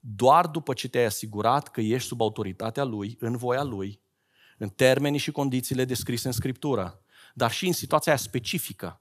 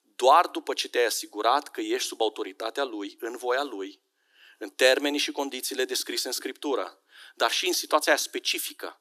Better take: first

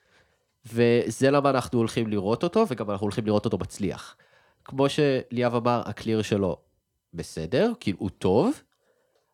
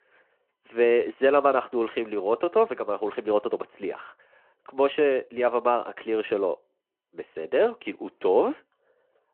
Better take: first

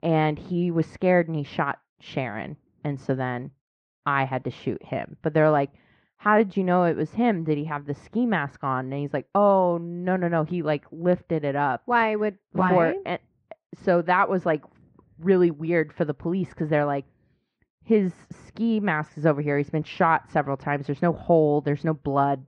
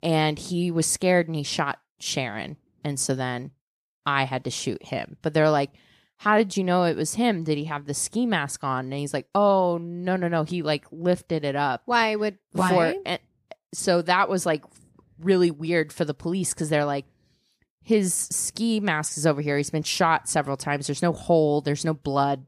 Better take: second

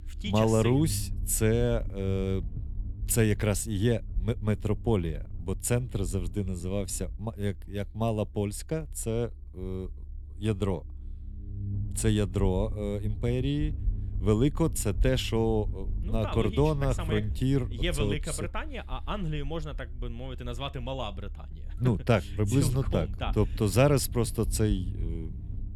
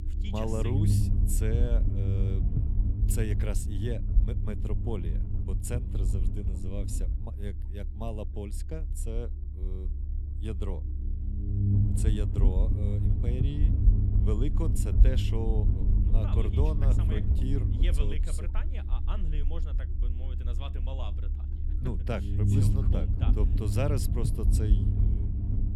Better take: first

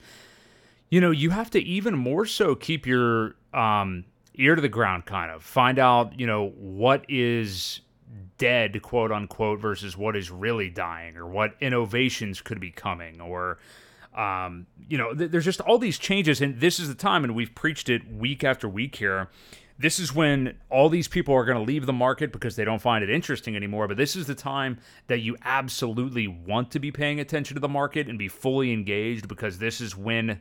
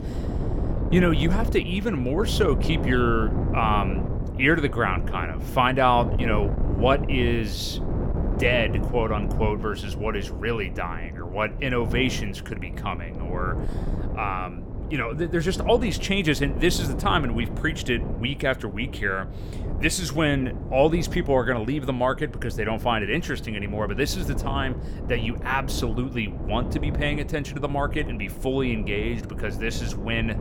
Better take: first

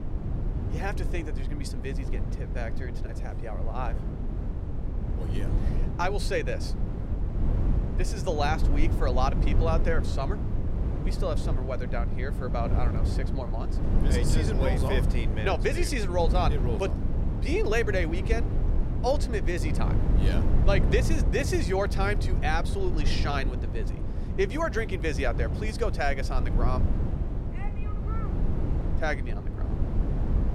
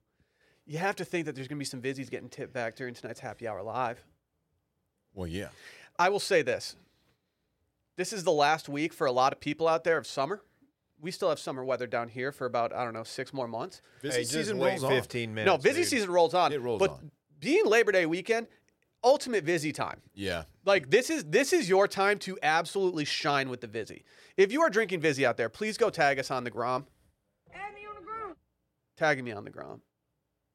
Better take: second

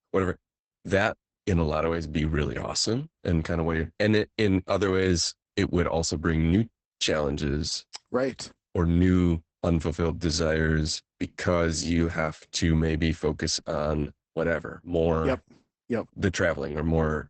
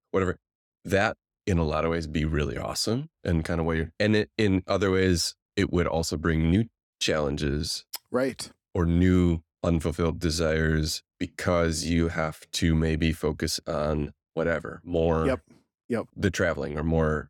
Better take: second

